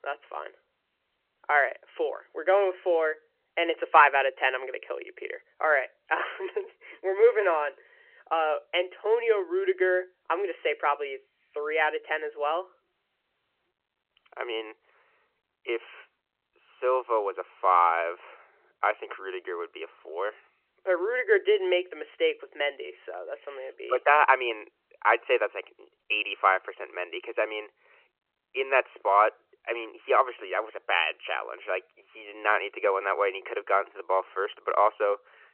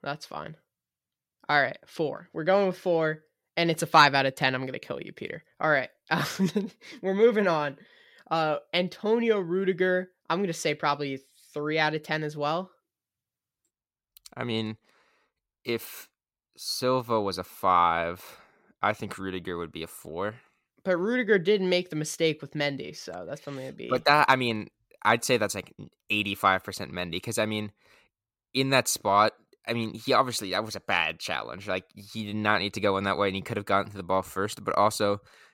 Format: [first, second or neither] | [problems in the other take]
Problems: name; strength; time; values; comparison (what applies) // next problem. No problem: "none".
second | phone-call audio